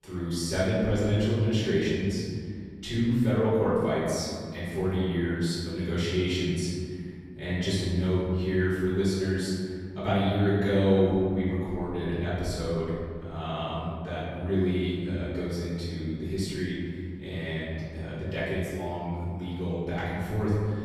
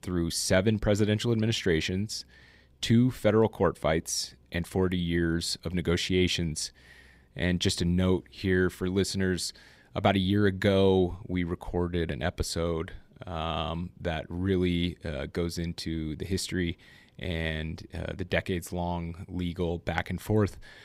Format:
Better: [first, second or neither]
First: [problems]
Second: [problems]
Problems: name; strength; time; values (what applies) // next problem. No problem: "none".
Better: second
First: room echo; strong; dies away in 2.2 s // off-mic speech; far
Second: none